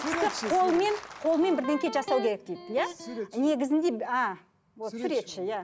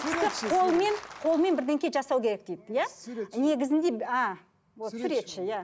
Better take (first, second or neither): second